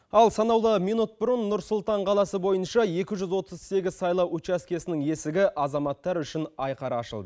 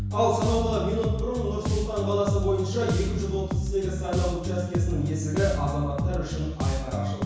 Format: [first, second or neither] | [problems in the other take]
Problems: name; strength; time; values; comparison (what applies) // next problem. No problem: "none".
first | background sound (Bass guitar); as loud as the speech // room echo; dies away in 1.1 s